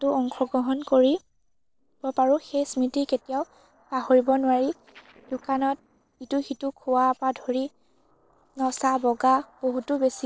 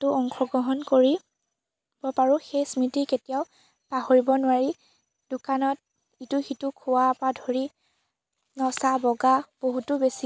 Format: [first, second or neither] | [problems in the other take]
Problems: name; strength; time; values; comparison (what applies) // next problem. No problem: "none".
second | noise reduction (neural separator model SepFormer DNS4)